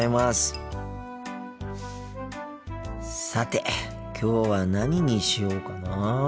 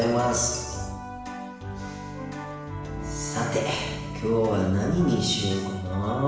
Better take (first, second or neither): first